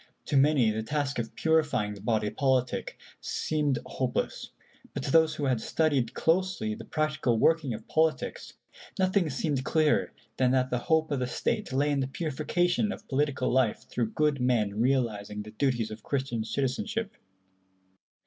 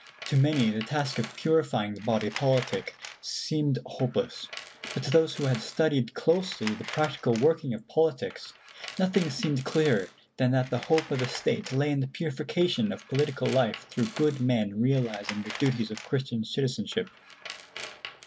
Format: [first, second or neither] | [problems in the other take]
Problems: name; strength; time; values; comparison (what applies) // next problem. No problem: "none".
first | background sound (Tools); 15 dB below the speech